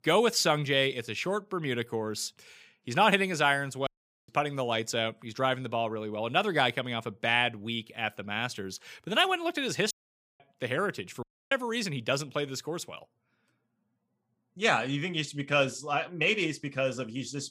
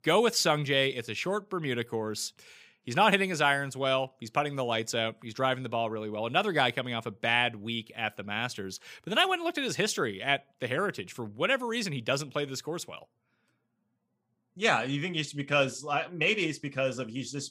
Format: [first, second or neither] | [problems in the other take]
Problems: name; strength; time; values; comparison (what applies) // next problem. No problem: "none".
second | audio cutting out; at 4 s, at 10 s and at 11 s